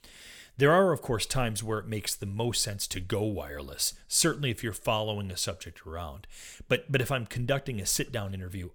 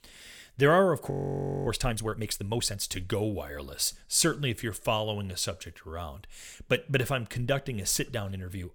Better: first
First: none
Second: audio freezing; at 1 s for 0.5 s

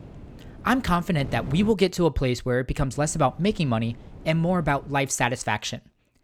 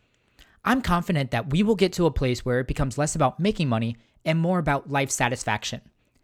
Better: second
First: wind noise on the microphone; occasional gusts; until 1.5 s and from 3 to 5 s; 20 dB below the speech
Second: none

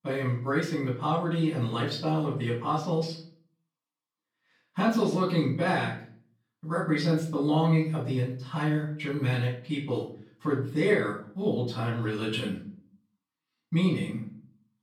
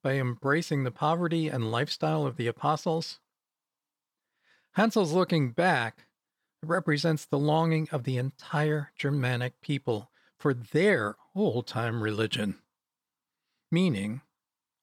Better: second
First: room echo; slight; dies away in 0.4 s // off-mic speech; far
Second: none

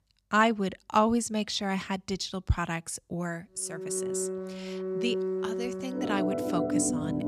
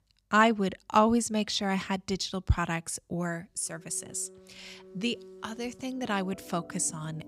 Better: second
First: background music; loud; from 4 s on; 1 dB below the speech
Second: background music; faint; from 4 s on; 20 dB below the speech

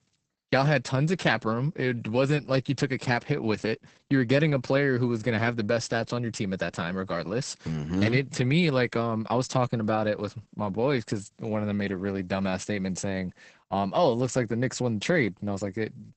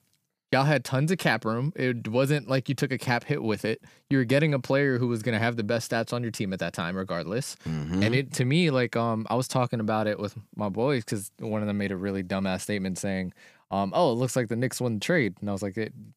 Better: second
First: garbled, watery; badly; nothing above 8 kHz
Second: none

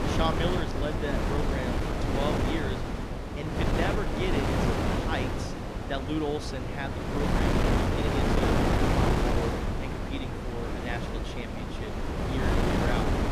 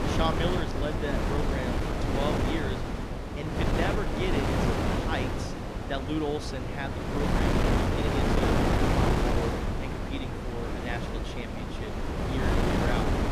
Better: neither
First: wind noise on the microphone; heavy; 4 dB above the speech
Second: wind noise on the microphone; heavy; 4 dB above the speech

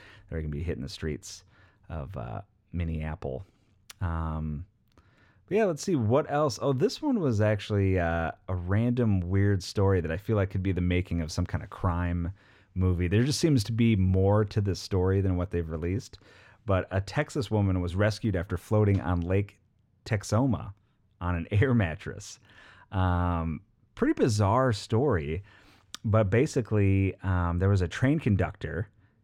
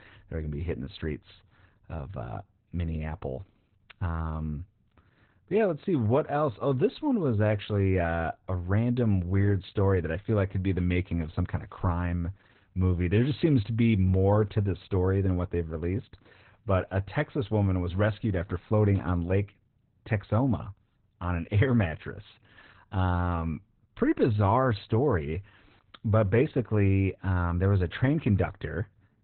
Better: first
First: none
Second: garbled, watery; badly; nothing above 4 kHz

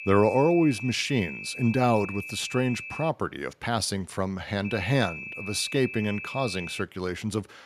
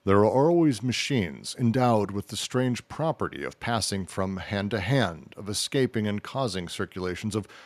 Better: second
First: high-pitched whine; loud; until 3 s and from 4.5 to 7 s; 2.5 kHz, 9 dB below the speech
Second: none

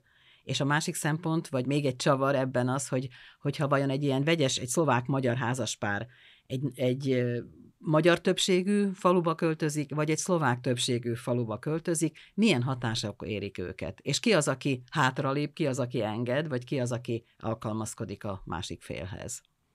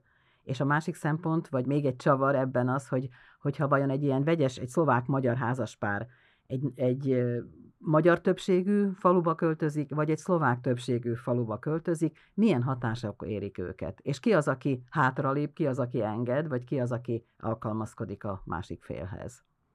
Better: first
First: none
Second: muffled; very; fading above 2 kHz

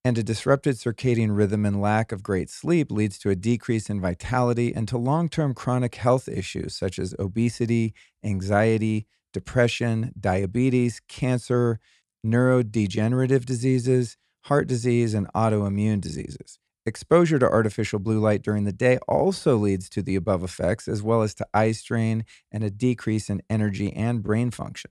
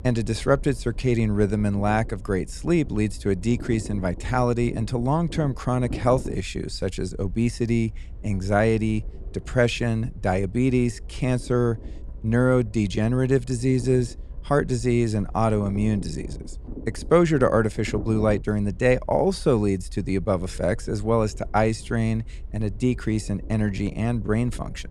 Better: first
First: none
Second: low rumble; faint; throughout; 20 dB below the speech

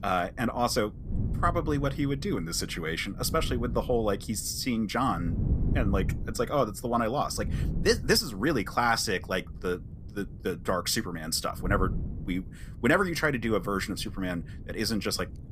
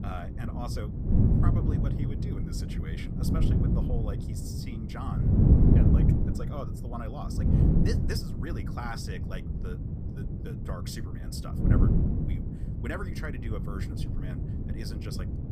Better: first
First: wind noise on the microphone; occasional gusts; 20 dB below the speech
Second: wind noise on the microphone; heavy; 3 dB above the speech

